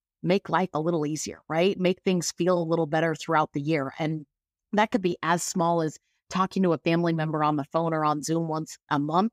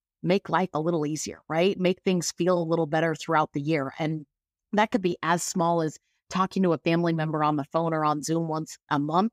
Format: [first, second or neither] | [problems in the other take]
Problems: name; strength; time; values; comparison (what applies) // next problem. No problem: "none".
neither | none